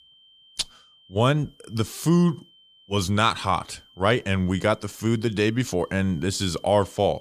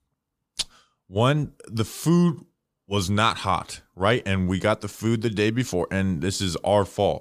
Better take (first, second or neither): second